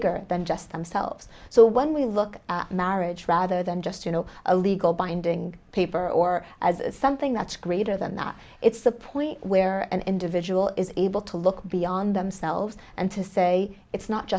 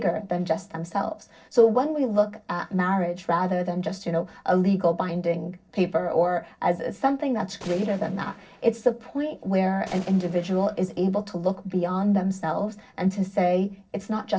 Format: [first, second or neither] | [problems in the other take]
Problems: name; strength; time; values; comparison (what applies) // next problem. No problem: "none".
first | noise reduction (neural separator model SepFormer DNS4)